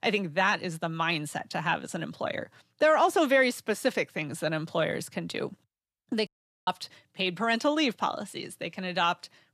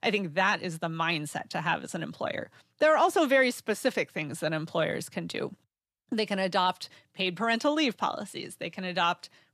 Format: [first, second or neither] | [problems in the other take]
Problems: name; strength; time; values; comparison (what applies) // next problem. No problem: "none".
second | audio cutting out; at 6.5 s